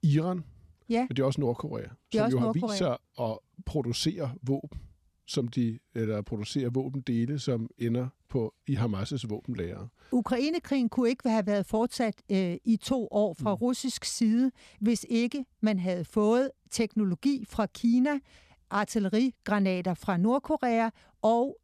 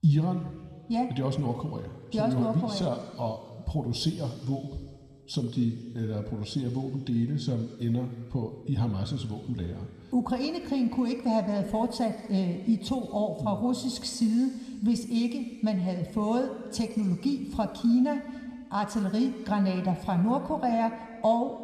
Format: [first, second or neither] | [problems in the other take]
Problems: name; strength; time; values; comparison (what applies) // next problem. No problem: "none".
first | room echo; noticeable; dies away in 1.9 s